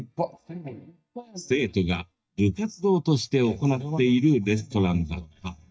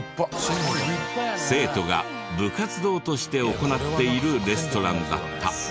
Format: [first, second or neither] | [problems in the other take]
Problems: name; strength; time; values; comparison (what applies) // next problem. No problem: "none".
second | noise reduction (neural mask model DeepFilterNet 3)